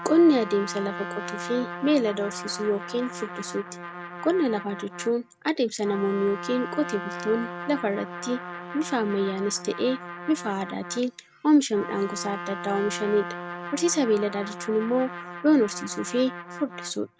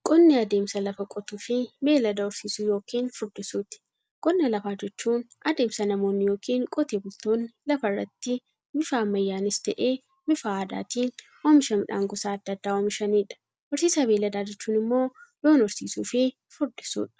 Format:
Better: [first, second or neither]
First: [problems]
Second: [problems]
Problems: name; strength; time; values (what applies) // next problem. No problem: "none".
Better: second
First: background sound (Trumpet); 11 dB below the speech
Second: none